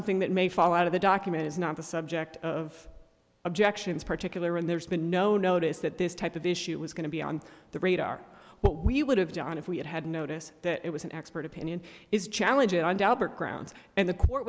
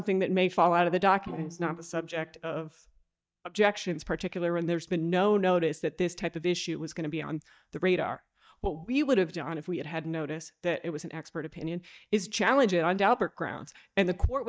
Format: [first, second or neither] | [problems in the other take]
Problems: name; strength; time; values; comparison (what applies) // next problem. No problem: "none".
first | noise reduction (neural mask model DeepFilterNet 3)